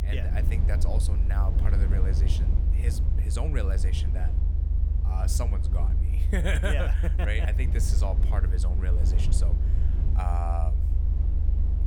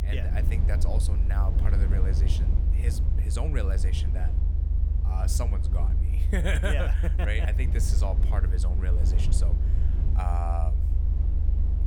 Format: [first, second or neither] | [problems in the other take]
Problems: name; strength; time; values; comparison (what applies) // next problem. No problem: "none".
neither | low rumble; loud; throughout; 7 dB below the speech; the same in both